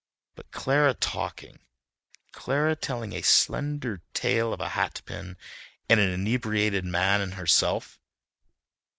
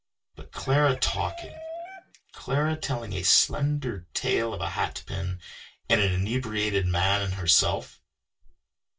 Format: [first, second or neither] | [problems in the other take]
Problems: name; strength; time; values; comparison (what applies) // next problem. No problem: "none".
first | background sound (Chicken, rooster); 15 dB below the speech // room echo; dies away in 0.1 s